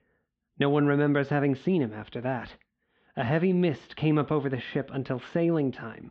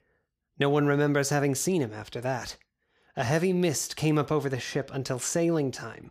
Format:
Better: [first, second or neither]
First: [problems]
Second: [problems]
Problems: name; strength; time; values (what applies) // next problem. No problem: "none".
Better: second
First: muffled; very; fading above 3.5 kHz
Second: none